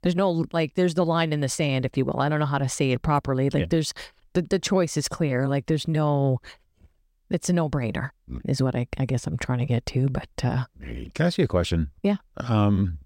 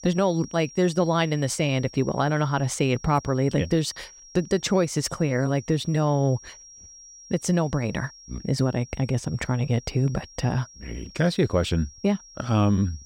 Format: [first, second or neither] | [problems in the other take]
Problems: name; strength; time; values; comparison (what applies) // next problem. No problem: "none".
first | high-pitched whine; noticeable; throughout; 5.5 kHz, 20 dB below the speech